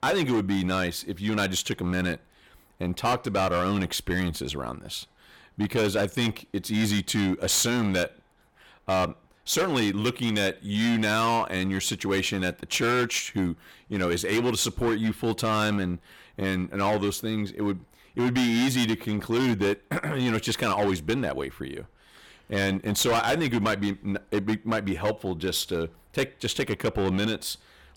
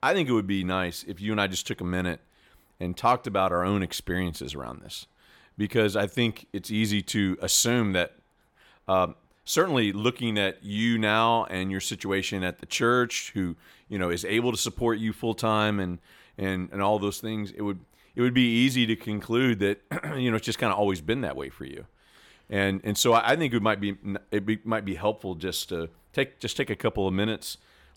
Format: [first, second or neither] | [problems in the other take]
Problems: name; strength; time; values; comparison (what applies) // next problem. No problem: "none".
second | distortion; heavy; 12% of the sound clipped